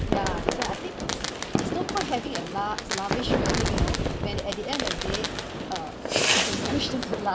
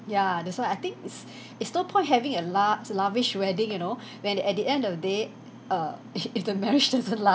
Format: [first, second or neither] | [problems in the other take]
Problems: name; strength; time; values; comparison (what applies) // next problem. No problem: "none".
second | background sound (Fireworks); 5 dB above the speech